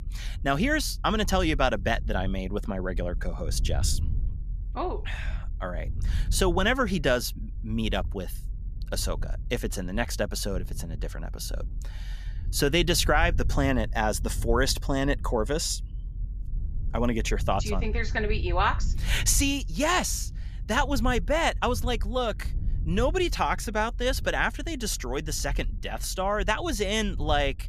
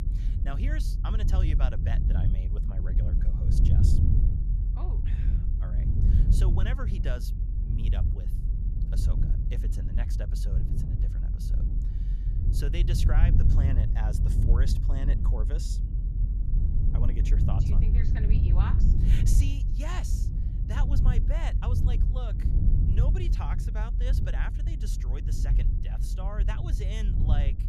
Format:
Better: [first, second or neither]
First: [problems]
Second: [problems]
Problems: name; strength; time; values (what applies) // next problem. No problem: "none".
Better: first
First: low rumble; faint; throughout; 25 dB below the speech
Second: low rumble; loud; throughout; 1 dB below the speech